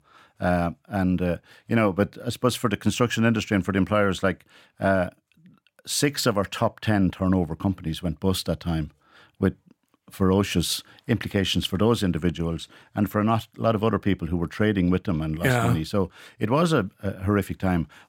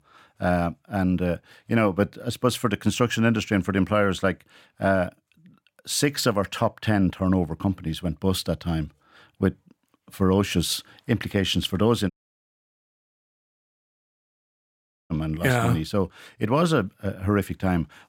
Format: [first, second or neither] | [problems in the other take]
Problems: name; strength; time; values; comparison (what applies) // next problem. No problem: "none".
first | audio cutting out; at 12 s for 3 s